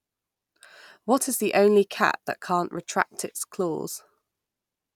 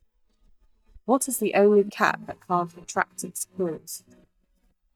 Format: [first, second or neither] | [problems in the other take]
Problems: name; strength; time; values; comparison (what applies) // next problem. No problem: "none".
first | noise reduction (neural mask model DeepFilterNet 3)